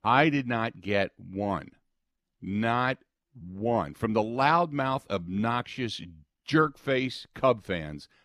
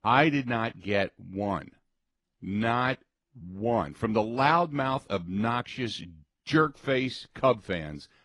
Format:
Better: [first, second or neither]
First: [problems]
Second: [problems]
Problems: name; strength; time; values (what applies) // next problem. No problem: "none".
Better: first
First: none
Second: garbled, watery; slightly; nothing above 10.5 kHz